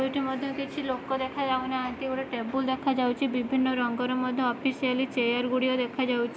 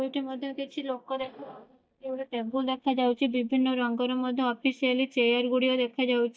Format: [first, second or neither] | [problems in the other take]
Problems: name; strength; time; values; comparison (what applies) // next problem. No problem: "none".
first | noise reduction (neural mask model DeepFilterNet 3)